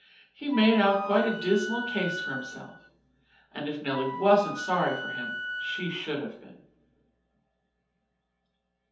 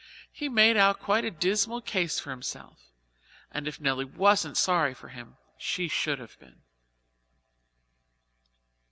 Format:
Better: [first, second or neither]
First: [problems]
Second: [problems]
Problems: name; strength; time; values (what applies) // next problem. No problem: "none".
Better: second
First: background sound (Wind instrument, woodwind instrument); 7 dB below the speech // room echo; dies away in 0.6 s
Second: none